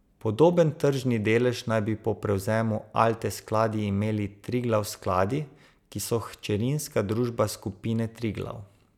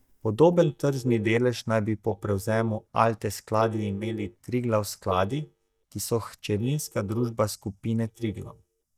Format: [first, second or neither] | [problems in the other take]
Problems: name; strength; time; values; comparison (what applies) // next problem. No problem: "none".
first | noise reduction (neural mask model DeepFilterNet 3)